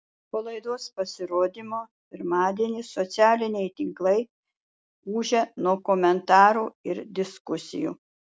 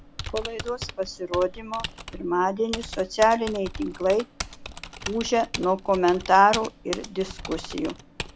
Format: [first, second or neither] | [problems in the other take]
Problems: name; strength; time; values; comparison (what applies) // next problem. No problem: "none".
first | background sound (Typing); 12 dB below the speech